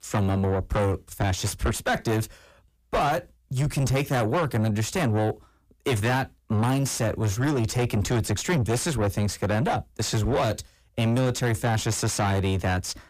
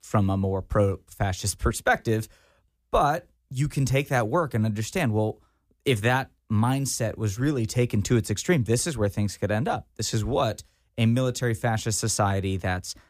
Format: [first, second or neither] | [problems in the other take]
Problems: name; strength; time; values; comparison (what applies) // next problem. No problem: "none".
second | distortion; heavy; 7 dB below the speech